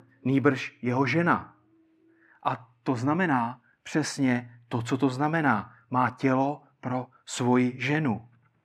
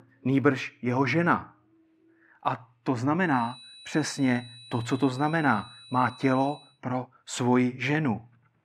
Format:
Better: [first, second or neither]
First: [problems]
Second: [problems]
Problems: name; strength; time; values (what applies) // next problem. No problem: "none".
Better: first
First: none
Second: high-pitched whine; noticeable; from 3.5 to 6.5 s; 4 kHz, 20 dB below the speech